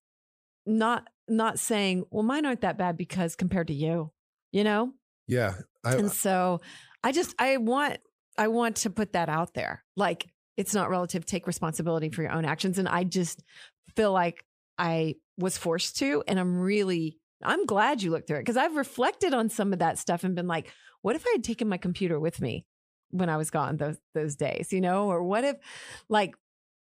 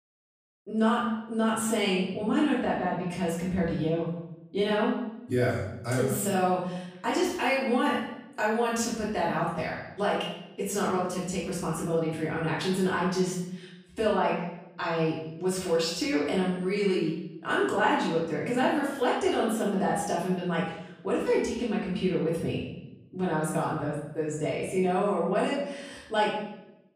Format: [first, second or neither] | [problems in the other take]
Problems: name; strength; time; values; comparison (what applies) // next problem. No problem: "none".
first | off-mic speech; far // room echo; noticeable; dies away in 0.7 s